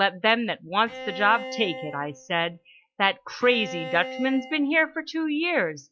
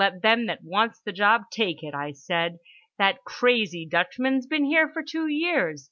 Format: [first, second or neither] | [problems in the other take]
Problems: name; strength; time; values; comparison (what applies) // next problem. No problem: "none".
second | noise reduction (classical method log-MMSE)